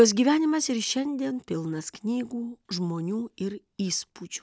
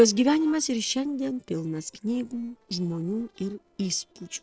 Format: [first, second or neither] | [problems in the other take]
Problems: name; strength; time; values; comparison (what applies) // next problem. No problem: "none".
first | noise reduction (neural separator model SepFormer DNS4)